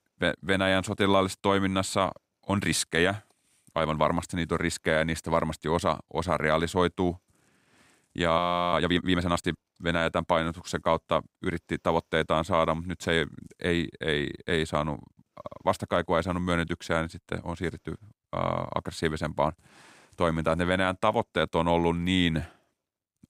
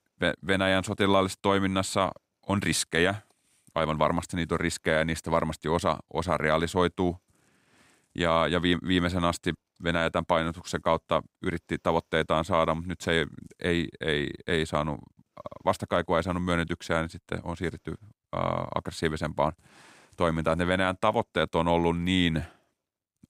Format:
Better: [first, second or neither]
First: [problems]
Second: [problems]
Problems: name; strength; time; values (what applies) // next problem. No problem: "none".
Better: second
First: audio freezing; at 8.5 s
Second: none